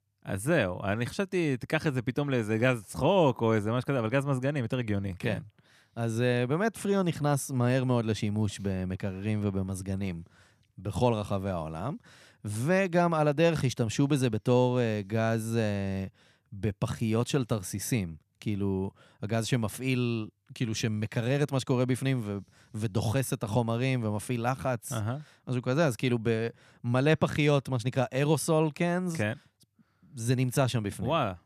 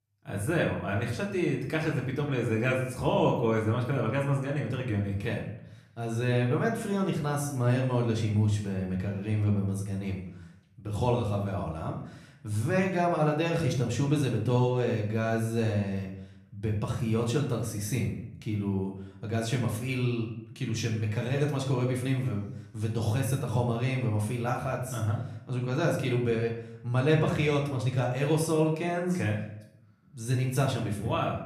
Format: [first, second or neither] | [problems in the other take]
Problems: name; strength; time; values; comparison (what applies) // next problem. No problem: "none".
first | room echo; slight; dies away in 0.6 s // off-mic speech; far